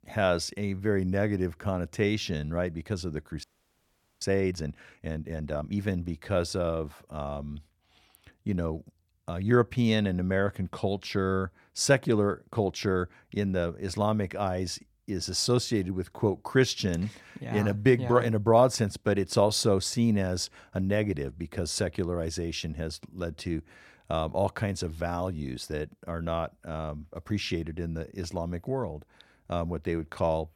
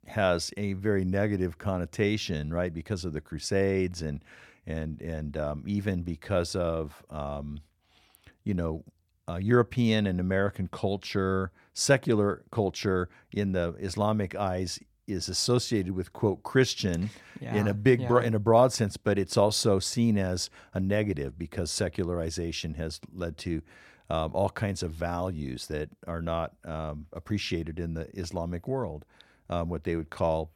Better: second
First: audio freezing; at 3.5 s for 1 s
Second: none

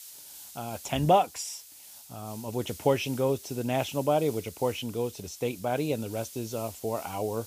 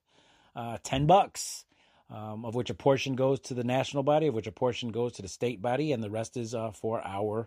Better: second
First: hiss; noticeable; throughout; 15 dB below the speech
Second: none

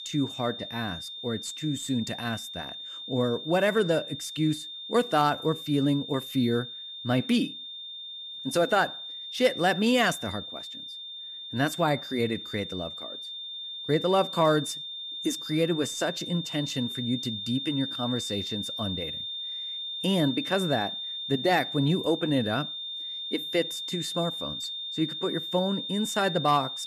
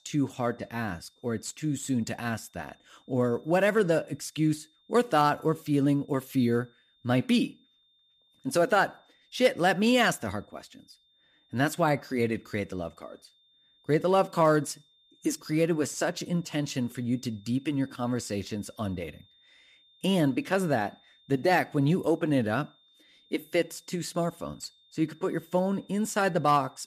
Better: second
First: high-pitched whine; loud; throughout; 3.5 kHz, 6 dB below the speech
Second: high-pitched whine; faint; throughout; 3.5 kHz, 35 dB below the speech

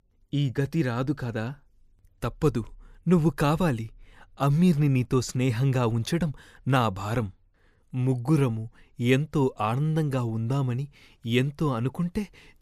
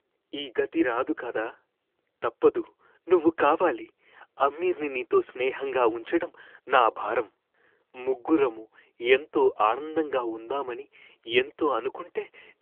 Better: first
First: none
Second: phone-call audio; nothing above 3.5 kHz

